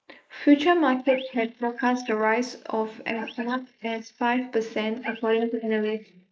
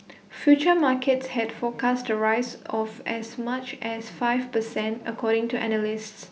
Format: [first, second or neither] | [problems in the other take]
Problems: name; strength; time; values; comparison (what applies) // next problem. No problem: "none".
second | noise reduction (neural mask model Resemble Enhance denoiser)